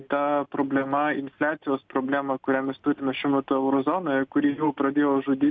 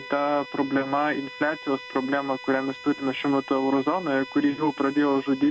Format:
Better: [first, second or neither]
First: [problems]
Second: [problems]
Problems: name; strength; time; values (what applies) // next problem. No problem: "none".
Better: first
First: none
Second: background sound (Bowed string instrument); 17 dB below the speech